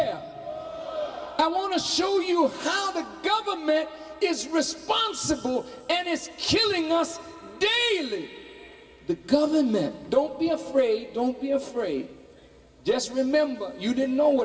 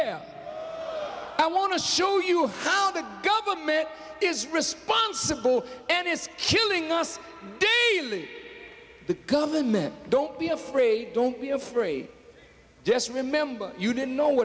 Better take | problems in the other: second | room echo; dies away in 2 s

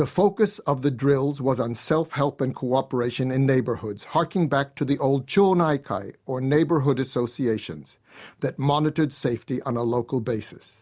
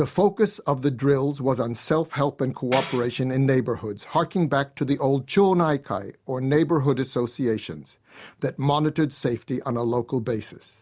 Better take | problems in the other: first | background sound (Tambourine); 14 dB below the speech

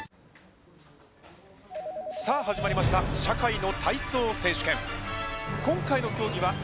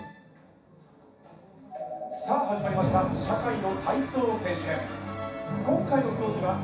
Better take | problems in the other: first | room echo; dies away in 0.7 s

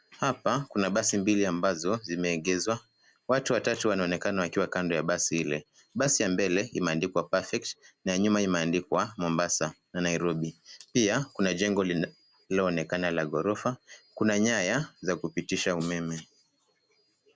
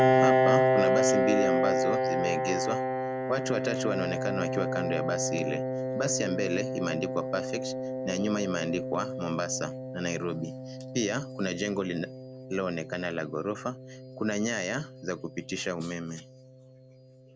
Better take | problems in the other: first | background sound (Piano); 3 dB above the speech

